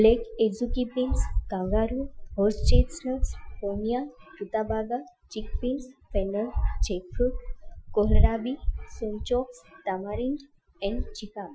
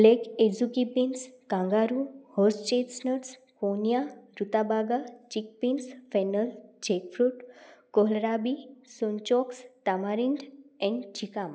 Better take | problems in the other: second | noise reduction (classical method Wiener filter)

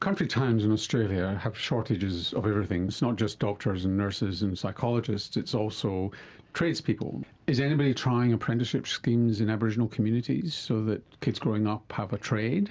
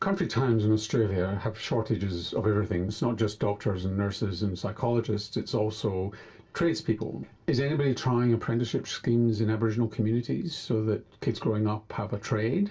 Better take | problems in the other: first | room echo; dies away in 0.2 s

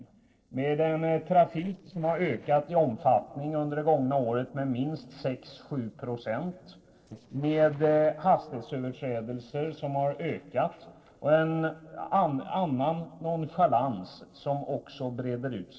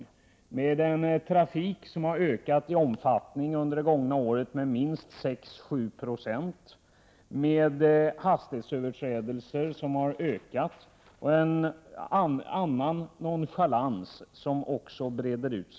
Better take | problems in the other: second | noise reduction (neural separator model SepFormer DNS4)

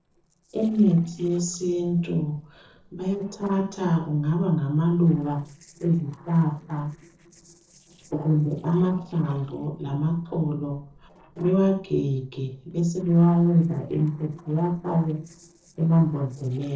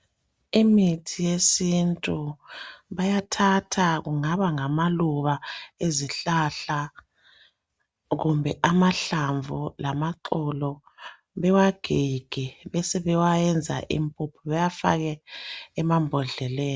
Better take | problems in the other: second | noise reduction (neural separator model SepFormer DNS4)

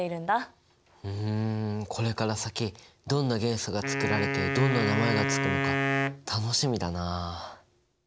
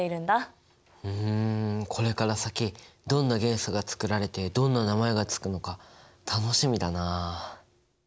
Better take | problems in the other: second | background sound (Wind instrument, woodwind instrument); as loud as the speech

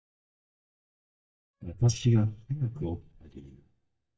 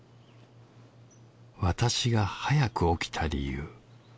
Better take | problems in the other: second | noise reduction (neural mask model DeepFilterNet 3)

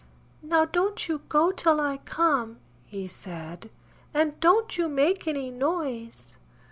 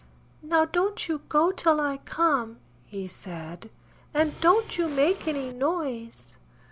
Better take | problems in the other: first | background sound (Drum kit); 16 dB below the speech

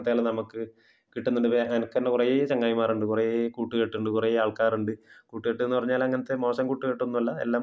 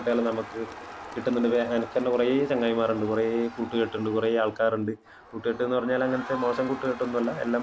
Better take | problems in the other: first | background sound (Crowd); 14 dB below the speech

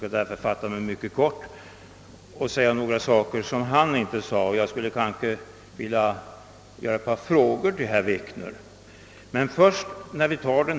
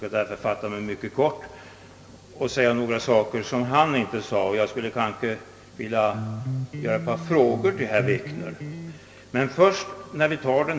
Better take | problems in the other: first | background sound (Electric guitar); 7 dB below the speech // room echo; dies away in 0.3 s

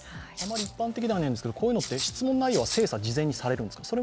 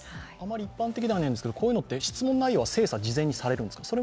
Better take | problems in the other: second | background sound (Rattle (instrument)); 9 dB below the speech

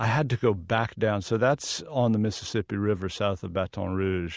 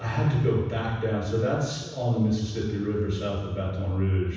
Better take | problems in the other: first | room echo; dies away in 1.1 s

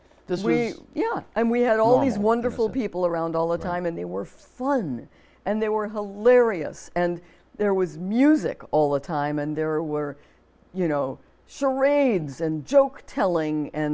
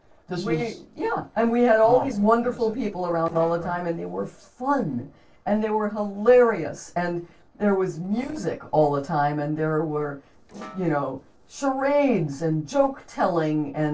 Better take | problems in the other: first | noise reduction (neural separator model SepFormer DNS4)

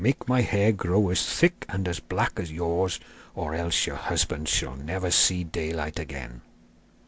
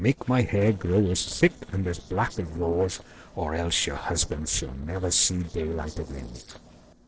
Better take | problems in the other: first | noise reduction (neural separator model SepFormer DNS4)

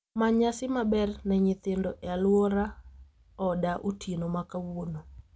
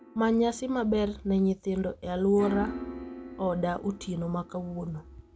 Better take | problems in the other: first | background sound (Piano); 14 dB below the speech

